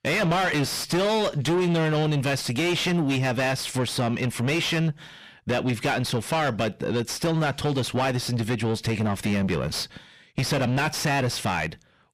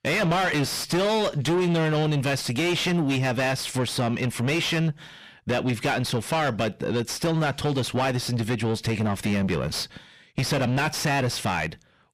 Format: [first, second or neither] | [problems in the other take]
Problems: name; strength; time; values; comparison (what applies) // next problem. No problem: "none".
neither | distortion; heavy; 6 dB below the speech; the same in both